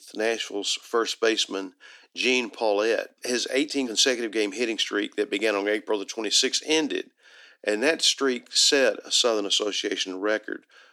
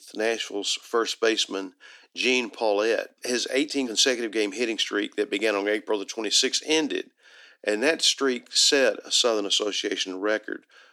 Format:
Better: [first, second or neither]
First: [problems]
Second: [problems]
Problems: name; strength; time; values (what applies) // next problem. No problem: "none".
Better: neither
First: thin; somewhat; fading below 300 Hz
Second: thin; somewhat; fading below 300 Hz